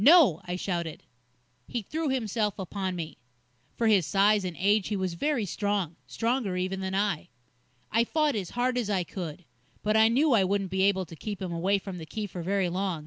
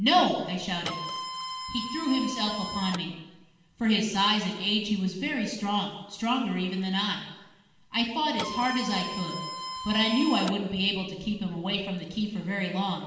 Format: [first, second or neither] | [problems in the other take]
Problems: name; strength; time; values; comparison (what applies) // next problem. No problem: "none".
first | background sound (Printer); 7 dB below the speech // room echo; dies away in 1.1 s